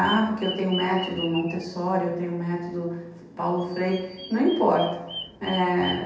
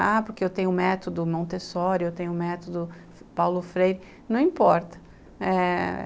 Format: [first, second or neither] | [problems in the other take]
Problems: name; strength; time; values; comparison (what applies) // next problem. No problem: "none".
second | background sound (Bird vocalization, bird call, bird song); 13 dB below the speech // room echo; dies away in 0.8 s